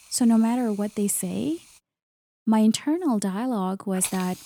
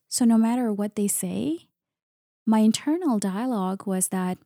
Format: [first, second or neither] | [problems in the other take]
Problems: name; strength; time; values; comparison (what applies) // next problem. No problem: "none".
second | hiss; noticeable; until 2 s and from 3 s on; 20 dB below the speech